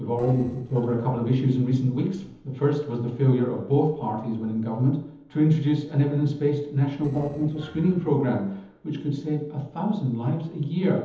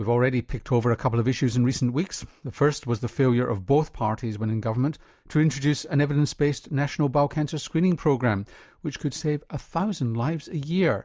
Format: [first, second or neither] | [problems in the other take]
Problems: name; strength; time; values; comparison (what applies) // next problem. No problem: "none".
second | noise reduction (neural separator model SepFormer DNS4)